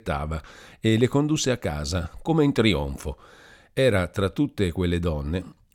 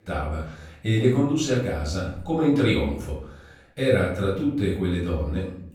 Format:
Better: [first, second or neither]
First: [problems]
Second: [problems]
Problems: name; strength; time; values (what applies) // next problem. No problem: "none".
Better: first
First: none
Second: off-mic speech; far // room echo; noticeable; dies away in 0.5 s